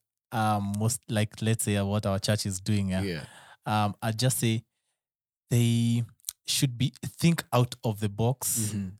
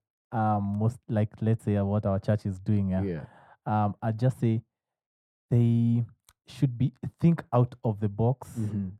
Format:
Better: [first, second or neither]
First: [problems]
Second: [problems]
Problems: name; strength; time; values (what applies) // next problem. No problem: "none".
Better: first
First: none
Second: muffled; very; fading above 2.5 kHz